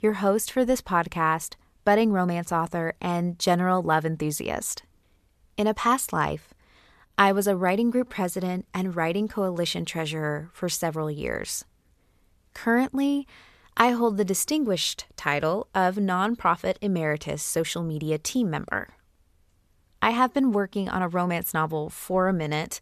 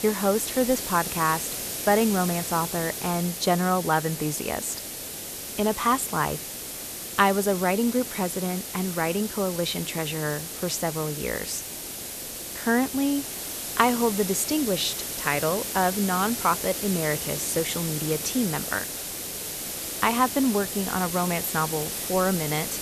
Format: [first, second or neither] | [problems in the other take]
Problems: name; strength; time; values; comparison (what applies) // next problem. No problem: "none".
first | hiss; loud; throughout; 5 dB below the speech